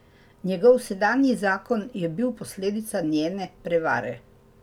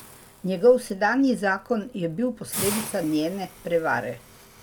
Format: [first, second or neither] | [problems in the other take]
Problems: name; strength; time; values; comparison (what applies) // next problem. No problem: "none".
first | background sound (Hiss); 14 dB below the speech